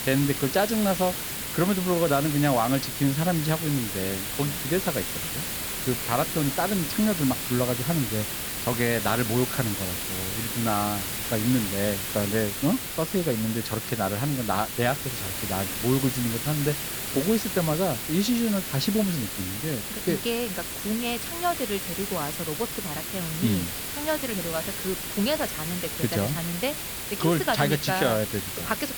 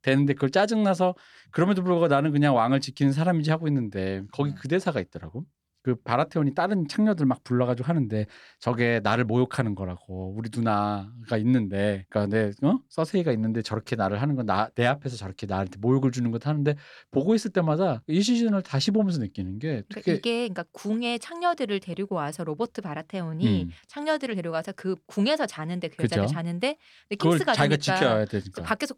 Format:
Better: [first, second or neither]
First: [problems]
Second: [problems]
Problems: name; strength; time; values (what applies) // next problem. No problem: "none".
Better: second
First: hiss; loud; throughout; 3 dB below the speech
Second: none